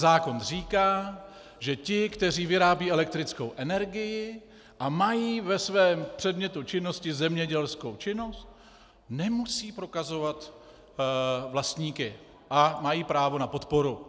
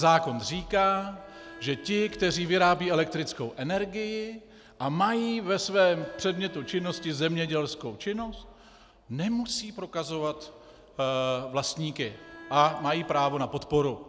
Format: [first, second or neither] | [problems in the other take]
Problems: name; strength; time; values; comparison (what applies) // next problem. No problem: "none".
first | background sound (Bowed string instrument); 19 dB below the speech